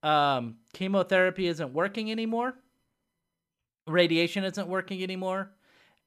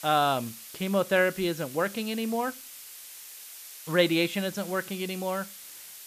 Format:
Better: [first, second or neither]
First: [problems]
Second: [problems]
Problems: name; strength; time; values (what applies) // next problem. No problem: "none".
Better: first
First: none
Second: hiss; noticeable; throughout; 15 dB below the speech